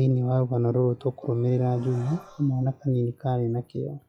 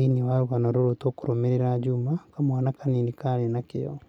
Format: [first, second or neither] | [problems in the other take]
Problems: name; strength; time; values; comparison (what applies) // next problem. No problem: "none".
second | noise reduction (classical method log-MMSE)